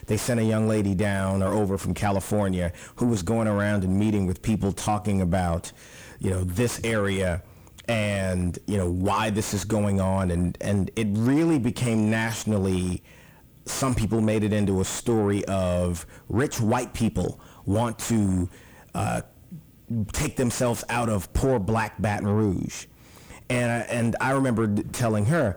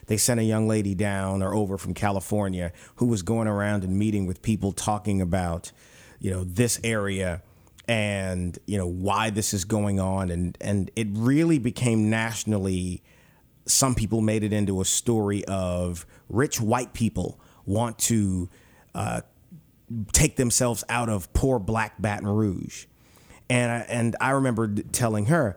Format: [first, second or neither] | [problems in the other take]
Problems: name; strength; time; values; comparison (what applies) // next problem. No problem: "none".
second | distortion; heavy; 7 dB below the speech